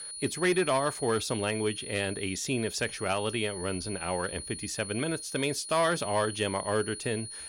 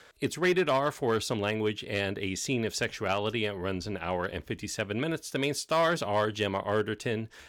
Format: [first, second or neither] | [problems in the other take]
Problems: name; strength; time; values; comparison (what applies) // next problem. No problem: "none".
second | high-pitched whine; loud; throughout; 9.5 kHz, 8 dB below the speech